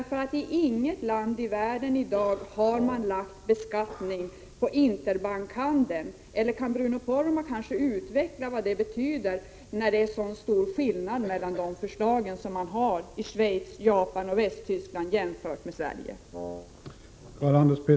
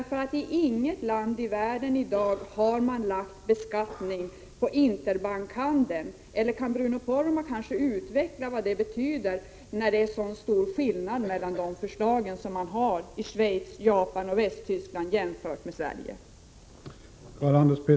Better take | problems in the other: second | background sound (Wind instrument, woodwind instrument); 12 dB below the speech

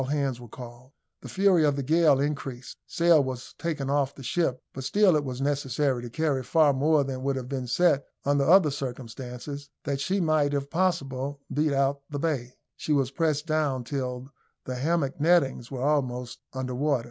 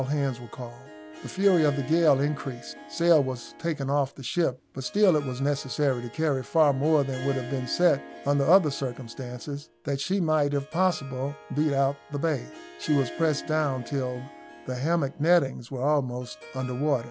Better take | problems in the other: first | background sound (Harp); 17 dB below the speech

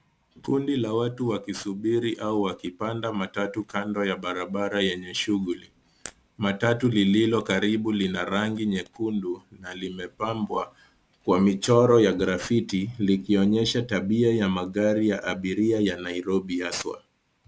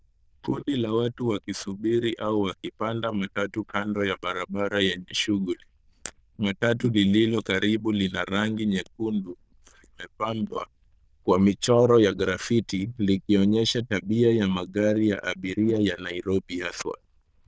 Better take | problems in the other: first | noise reduction (neural diffusion model UNIVERSE++)

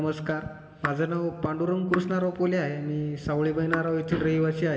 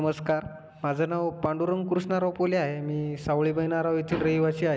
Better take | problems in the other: second | background sound (Raindrop / Drip); 12 dB below the speech // room echo; dies away in 1.7 s

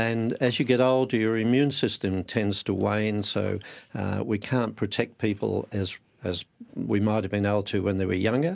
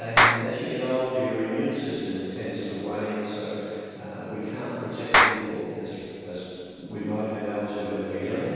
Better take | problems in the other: first | background sound (Clapping); 2 dB above the speech // room echo; dies away in 2.2 s

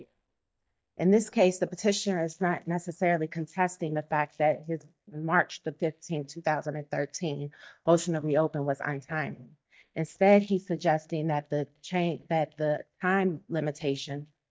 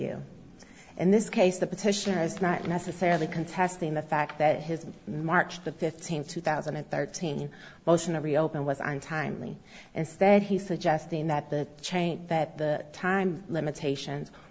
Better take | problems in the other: second | noise reduction (neural mask model DeepFilterNet 3)

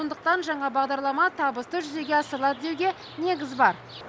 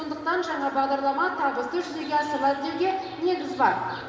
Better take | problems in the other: first | room echo; dies away in 2.3 s

